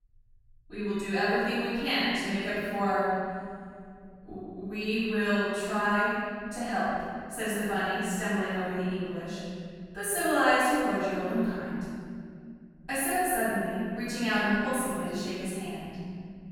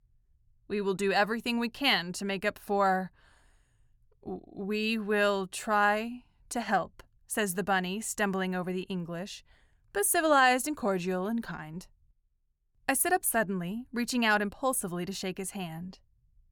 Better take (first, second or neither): second